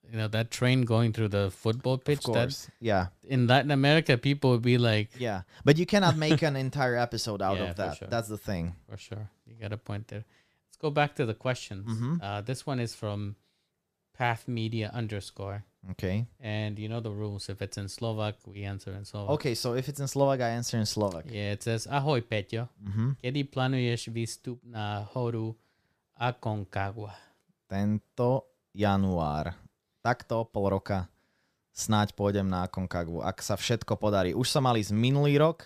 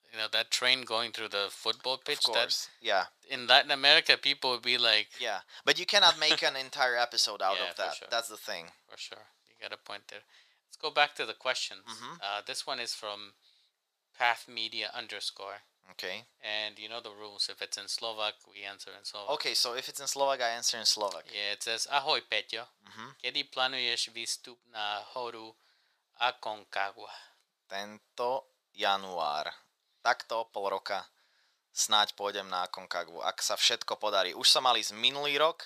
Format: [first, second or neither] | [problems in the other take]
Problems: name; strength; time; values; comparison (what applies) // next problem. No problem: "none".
first | thin; very; fading below 850 Hz